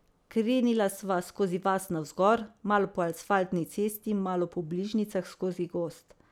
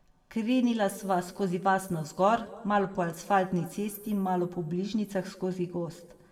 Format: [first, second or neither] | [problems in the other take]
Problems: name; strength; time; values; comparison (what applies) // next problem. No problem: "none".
first | room echo; dies away in 1.5 s